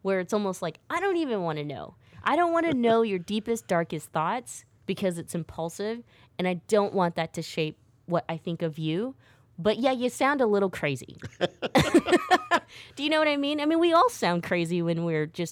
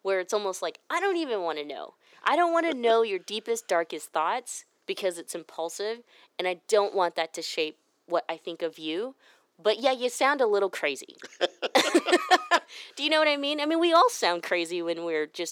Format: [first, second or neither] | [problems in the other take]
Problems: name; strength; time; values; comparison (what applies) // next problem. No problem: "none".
first | thin; somewhat; fading below 350 Hz